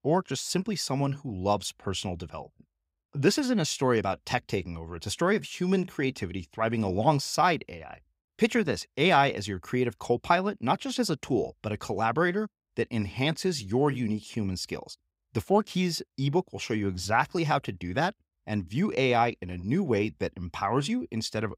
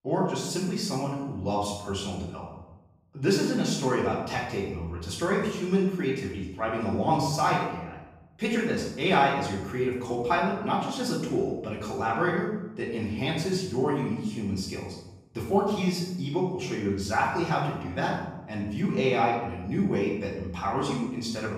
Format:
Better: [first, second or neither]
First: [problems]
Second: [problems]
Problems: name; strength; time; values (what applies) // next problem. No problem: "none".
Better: first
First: none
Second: off-mic speech; far // room echo; noticeable; dies away in 0.8 s